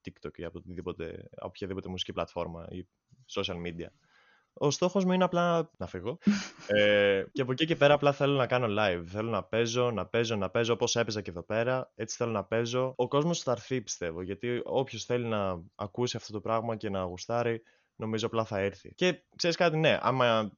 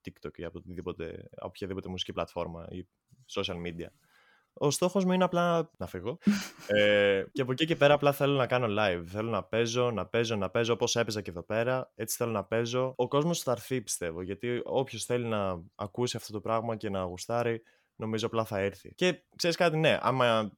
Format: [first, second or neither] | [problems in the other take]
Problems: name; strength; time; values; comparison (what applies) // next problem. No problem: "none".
second | garbled, watery; slightly; nothing above 6.5 kHz